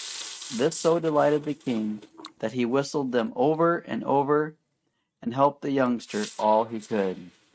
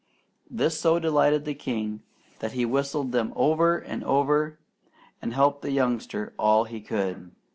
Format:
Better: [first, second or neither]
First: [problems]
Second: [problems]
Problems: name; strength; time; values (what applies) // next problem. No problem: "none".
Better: second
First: noise reduction (neural mask model RNNoise)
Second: none